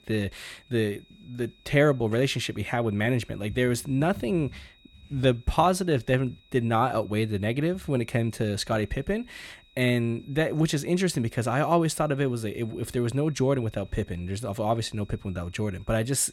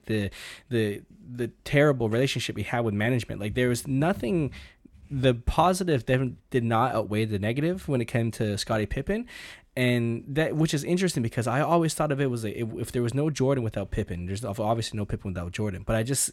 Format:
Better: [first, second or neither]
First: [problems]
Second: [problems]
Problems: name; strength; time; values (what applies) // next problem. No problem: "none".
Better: second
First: high-pitched whine; faint; throughout; 4 kHz, 30 dB below the speech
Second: none